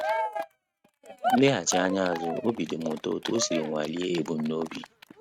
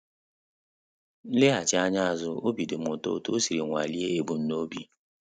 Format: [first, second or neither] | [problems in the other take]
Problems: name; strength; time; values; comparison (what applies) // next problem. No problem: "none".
second | noise reduction (neural mask model RNNoise)